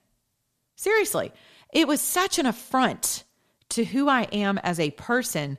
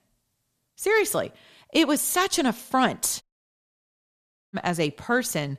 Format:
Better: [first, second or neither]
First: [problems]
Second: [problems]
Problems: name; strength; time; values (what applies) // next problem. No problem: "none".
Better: first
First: none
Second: audio cutting out; at 3 s for 1.5 s